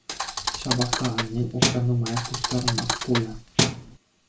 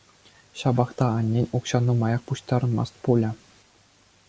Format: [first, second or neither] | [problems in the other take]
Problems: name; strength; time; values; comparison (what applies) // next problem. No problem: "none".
second | background sound (Thump, thud); 1 dB above the speech // room echo; dies away in 0.2 s